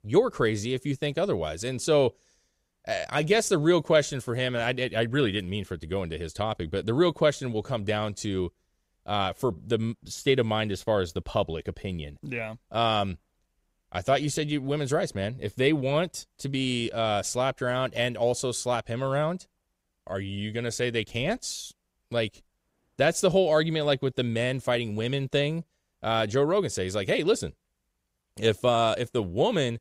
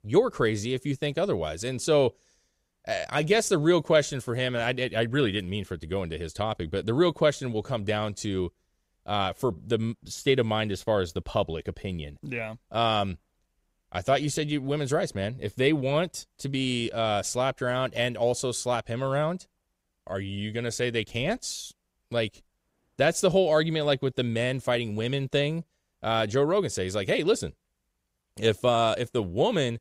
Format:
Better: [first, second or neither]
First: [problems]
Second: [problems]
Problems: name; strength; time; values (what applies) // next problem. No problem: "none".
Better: neither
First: none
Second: none